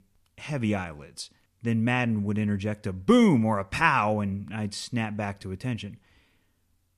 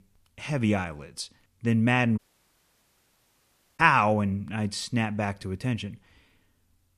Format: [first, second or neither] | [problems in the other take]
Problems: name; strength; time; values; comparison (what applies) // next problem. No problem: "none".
first | audio cutting out; at 2 s for 1.5 s